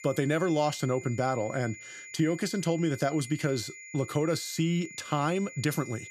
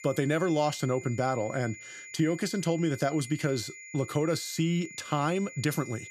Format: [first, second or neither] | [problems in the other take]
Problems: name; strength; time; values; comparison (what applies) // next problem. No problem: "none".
neither | high-pitched whine; noticeable; throughout; 2 kHz, 15 dB below the speech; the same in both